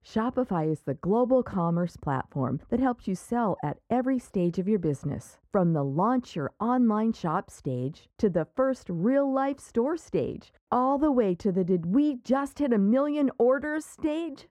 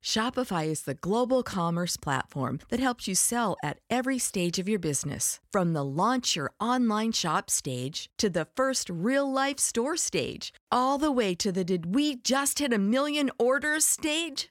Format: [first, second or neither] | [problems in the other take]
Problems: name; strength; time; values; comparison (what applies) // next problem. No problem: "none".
second | muffled; very; fading above 2 kHz